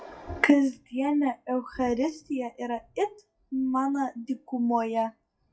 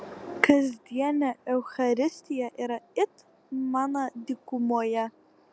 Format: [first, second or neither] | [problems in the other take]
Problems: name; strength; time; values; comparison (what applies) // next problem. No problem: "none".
second | noise reduction (classical method WPE with log-MMSE)